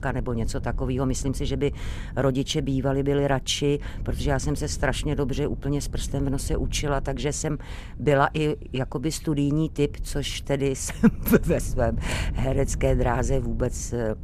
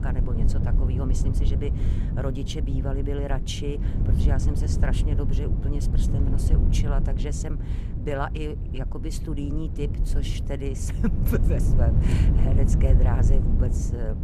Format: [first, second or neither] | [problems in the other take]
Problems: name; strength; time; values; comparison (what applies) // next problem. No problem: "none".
first | low rumble; loud; throughout; 3 dB below the speech; faint in the first